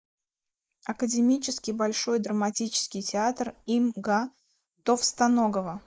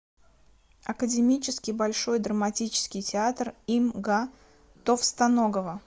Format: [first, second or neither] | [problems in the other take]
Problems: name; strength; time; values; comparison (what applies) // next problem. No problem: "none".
second | noise reduction (neural mask model Resemble Enhance denoiser)